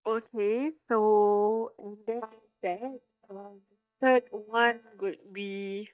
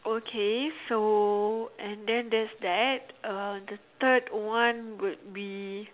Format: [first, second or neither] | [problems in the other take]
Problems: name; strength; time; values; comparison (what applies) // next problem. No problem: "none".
second | noise reduction (neural mask model DeepFilterNet 3)